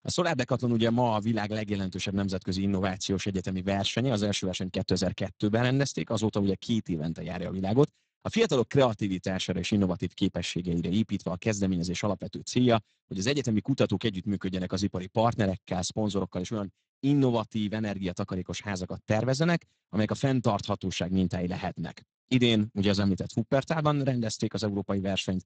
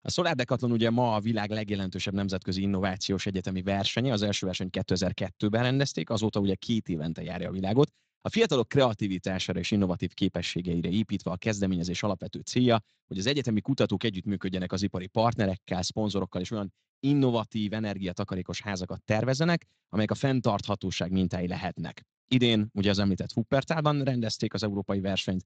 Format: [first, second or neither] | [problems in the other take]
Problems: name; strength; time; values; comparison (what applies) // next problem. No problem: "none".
second | garbled, watery; badly; nothing above 8 kHz; slightly in the second